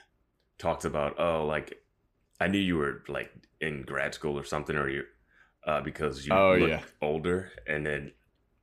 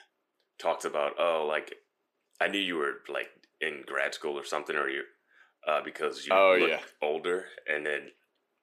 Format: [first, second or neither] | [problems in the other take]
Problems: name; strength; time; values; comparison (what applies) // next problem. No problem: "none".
first | thin; somewhat; fading below 350 Hz